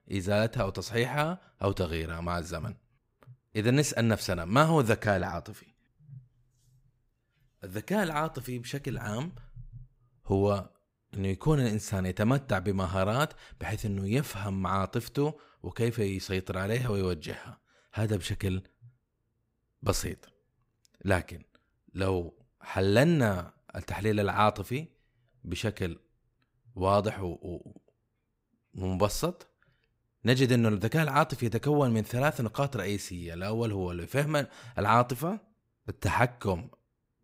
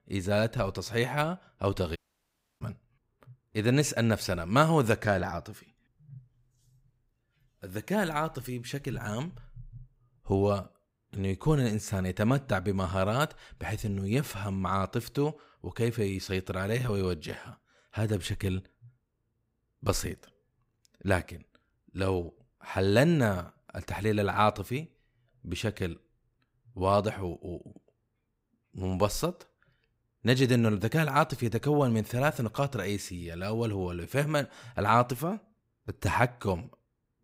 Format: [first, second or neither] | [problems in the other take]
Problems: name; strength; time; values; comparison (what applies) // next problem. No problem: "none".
first | audio cutting out; at 2 s for 0.5 s